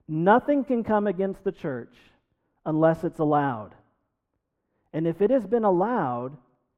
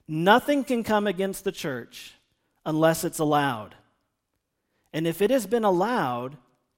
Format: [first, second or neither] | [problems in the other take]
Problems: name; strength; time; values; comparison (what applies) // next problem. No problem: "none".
second | muffled; very; fading above 2.5 kHz